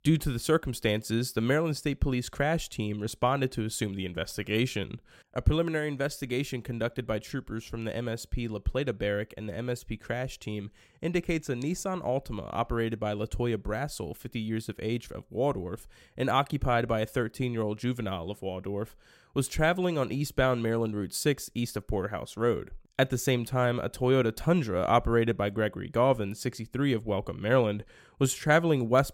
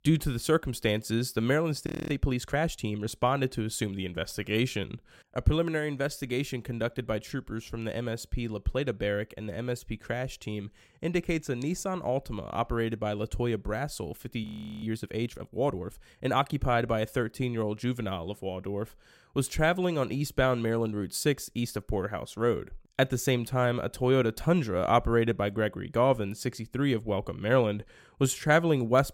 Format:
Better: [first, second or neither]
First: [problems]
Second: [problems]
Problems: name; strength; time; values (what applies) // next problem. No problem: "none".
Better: first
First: none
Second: audio freezing; at 2 s and at 14 s